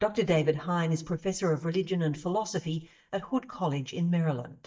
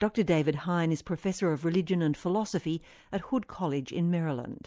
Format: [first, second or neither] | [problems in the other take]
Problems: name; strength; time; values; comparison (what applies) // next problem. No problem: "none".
second | noise reduction (neural mask model DeepFilterNet 3)